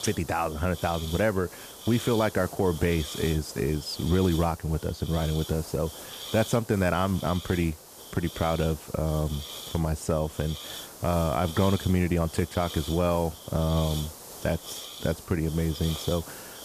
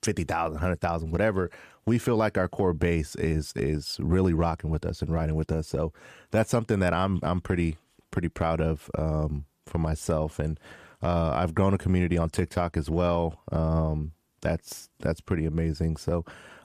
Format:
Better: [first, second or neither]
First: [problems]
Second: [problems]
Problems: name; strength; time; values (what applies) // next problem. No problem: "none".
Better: second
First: hiss; noticeable; throughout; 10 dB below the speech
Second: none